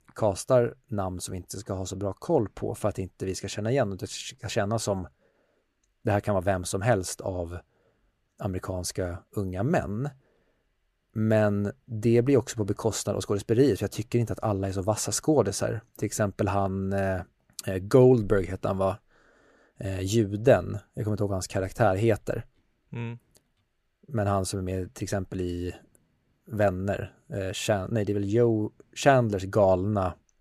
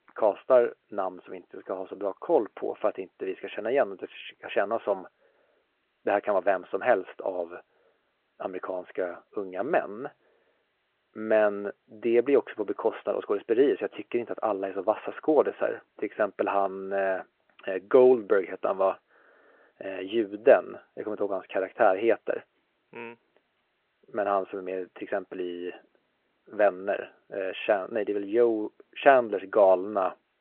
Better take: first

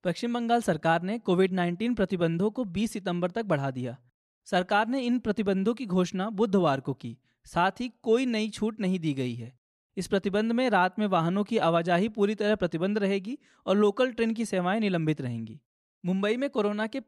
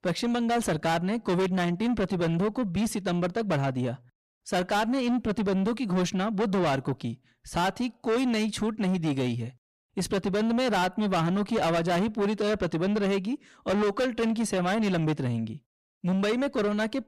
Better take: first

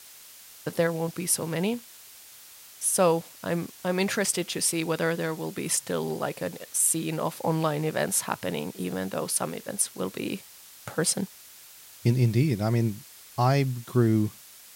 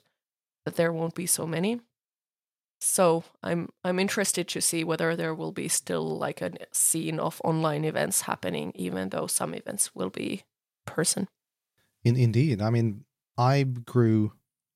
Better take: second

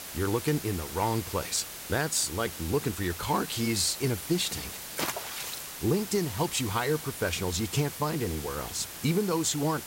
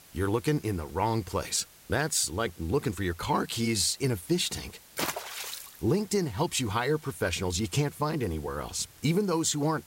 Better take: second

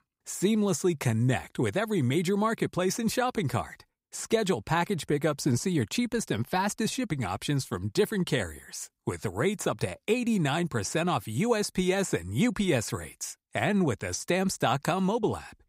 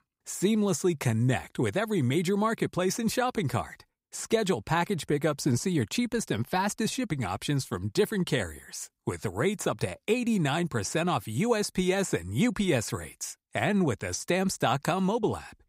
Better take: neither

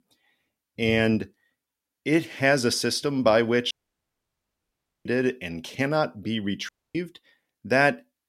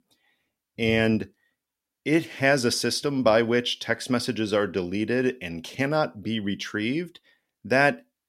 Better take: second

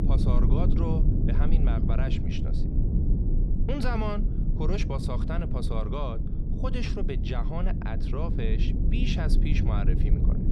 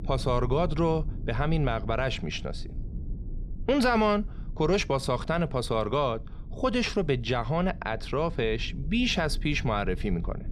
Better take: second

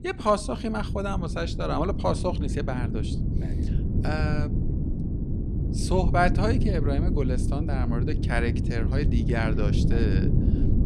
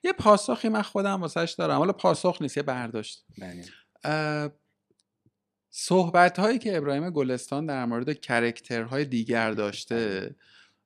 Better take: second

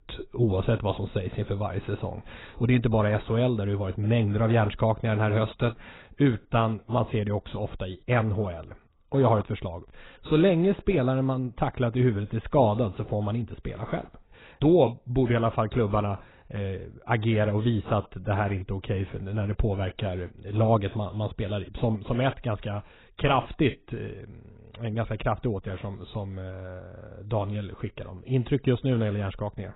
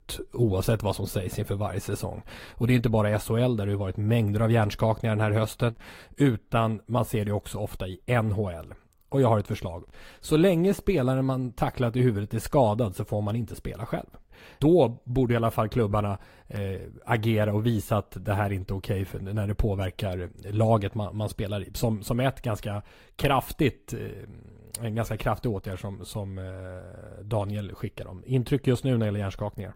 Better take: second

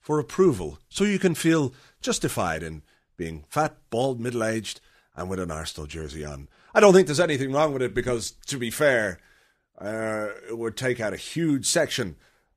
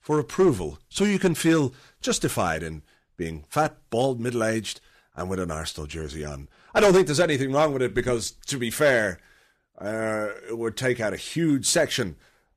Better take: first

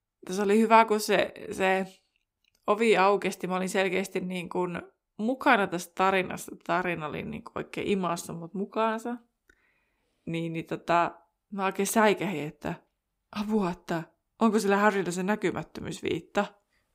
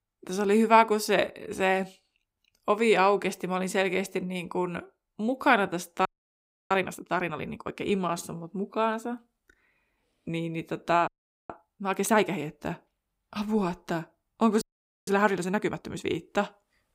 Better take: first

